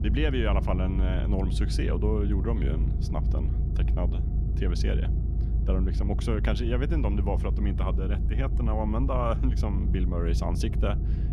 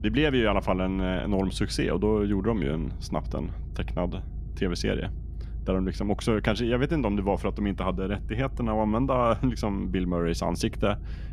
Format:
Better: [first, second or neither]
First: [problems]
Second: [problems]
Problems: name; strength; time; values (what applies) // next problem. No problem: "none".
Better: second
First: low rumble; loud; throughout; 9 dB below the speech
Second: low rumble; faint; throughout; 25 dB below the speech